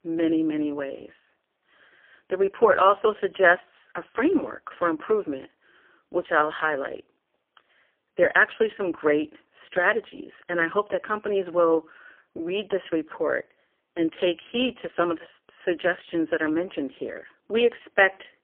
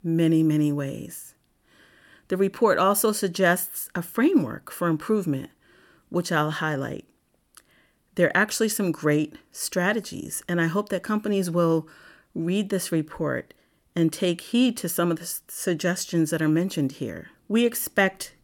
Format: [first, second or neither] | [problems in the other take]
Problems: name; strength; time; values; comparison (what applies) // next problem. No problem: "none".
second | phone-call audio; poor line; nothing above 3.5 kHz